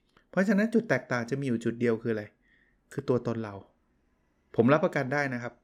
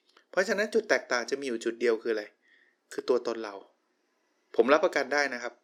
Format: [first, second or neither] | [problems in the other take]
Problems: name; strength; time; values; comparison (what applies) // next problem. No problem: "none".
first | thin; somewhat; fading below 350 Hz